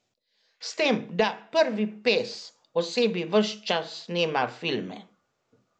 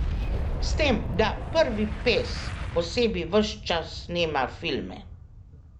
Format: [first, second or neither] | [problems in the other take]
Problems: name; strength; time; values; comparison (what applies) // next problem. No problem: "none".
first | background sound (Boom); 4 dB below the speech